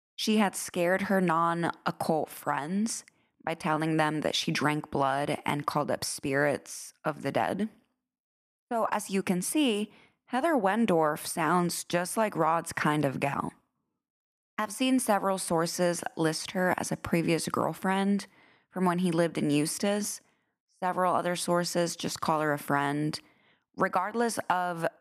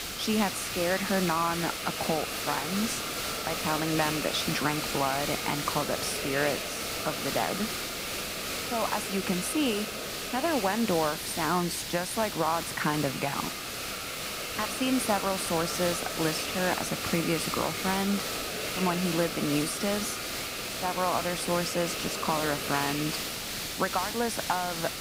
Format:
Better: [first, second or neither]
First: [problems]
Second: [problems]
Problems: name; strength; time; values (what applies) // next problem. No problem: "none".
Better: first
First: none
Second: hiss; loud; throughout; 2 dB below the speech